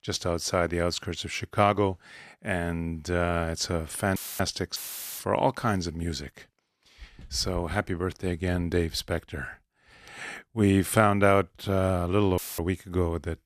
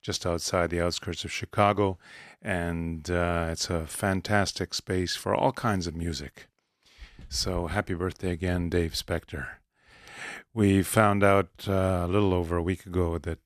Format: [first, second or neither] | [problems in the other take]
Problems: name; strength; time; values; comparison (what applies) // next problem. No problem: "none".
second | audio cutting out; filled with static; at 4 s, at 5 s and at 12 s